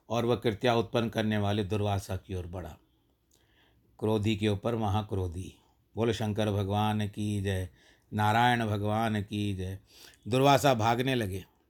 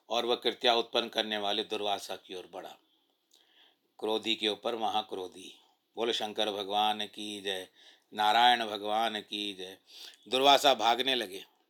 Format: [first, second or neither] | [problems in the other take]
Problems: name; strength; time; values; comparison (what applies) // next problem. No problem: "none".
first | thin; very; fading below 300 Hz